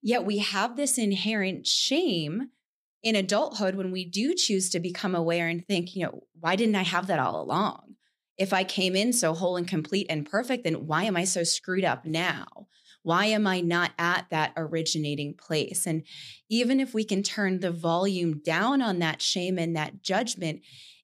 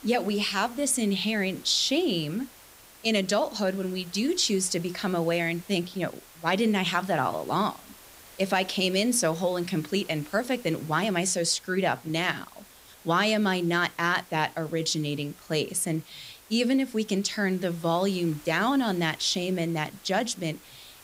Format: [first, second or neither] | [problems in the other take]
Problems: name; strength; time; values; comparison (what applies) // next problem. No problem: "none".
first | hiss; faint; throughout; 20 dB below the speech